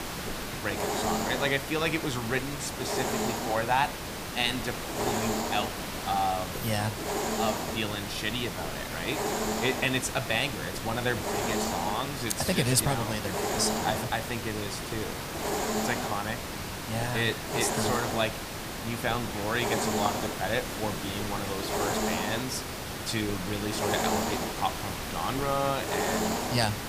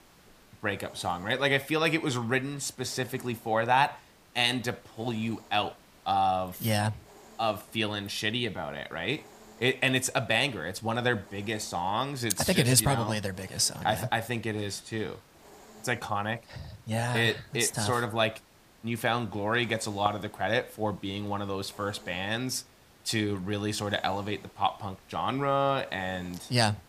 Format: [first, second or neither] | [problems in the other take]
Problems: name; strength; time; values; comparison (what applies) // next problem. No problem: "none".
second | hiss; loud; throughout; 1 dB below the speech; faint in the second